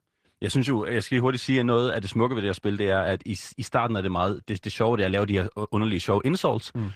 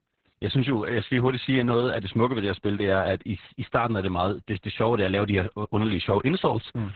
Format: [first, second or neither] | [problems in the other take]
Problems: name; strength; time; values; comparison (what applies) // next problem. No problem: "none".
first | garbled, watery; badly; nothing above 4 kHz; slightly in the first